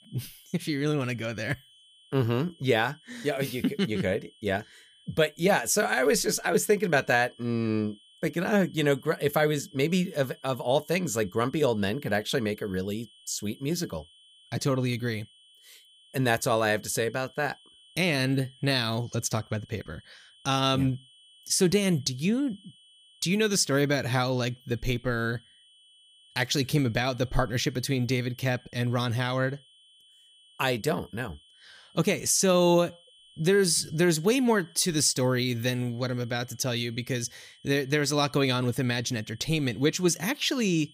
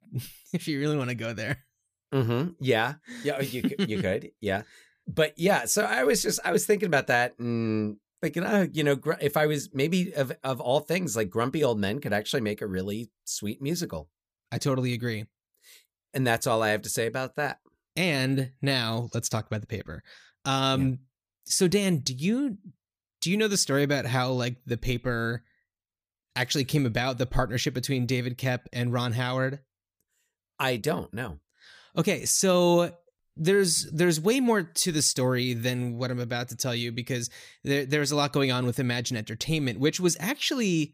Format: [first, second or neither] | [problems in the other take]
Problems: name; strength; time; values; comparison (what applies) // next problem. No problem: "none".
second | high-pitched whine; faint; throughout; 3 kHz, 30 dB below the speech